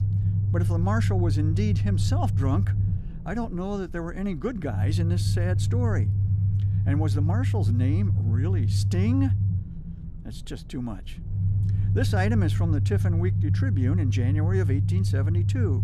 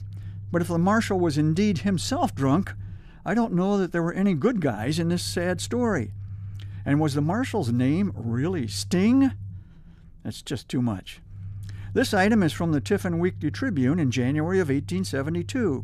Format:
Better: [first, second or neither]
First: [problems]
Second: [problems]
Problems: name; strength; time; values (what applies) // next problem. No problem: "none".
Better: second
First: low rumble; loud; throughout; 5 dB below the speech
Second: low rumble; faint; throughout; 25 dB below the speech